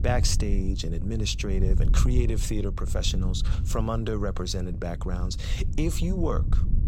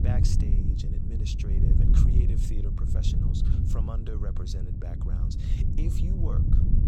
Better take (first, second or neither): first